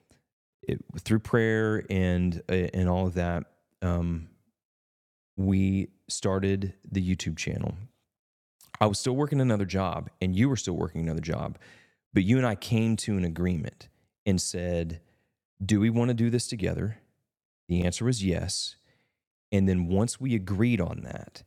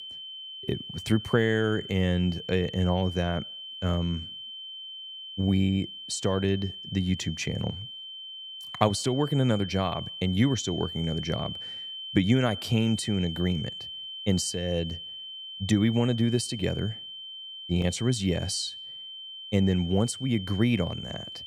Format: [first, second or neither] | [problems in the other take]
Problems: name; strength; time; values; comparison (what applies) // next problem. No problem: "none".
first | high-pitched whine; loud; throughout; 3 kHz, 10 dB below the speech